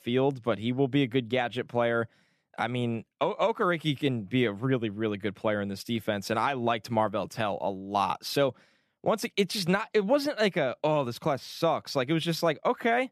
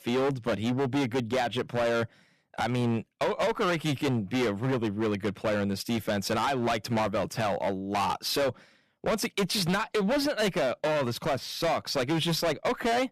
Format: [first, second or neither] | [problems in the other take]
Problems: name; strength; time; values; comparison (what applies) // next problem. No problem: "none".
first | distortion; heavy; 19% of the sound clipped